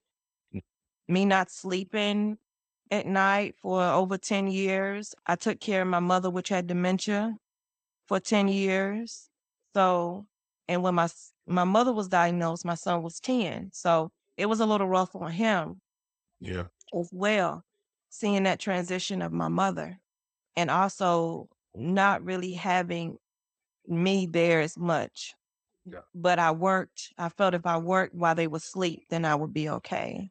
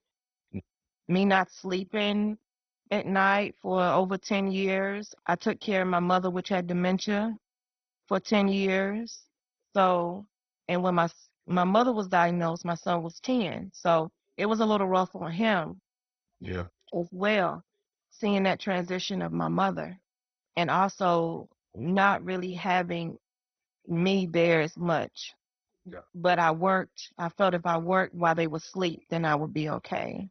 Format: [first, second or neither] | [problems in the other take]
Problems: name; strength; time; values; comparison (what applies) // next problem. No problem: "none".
first | garbled, watery; badly; nothing above 6 kHz; slightly in the first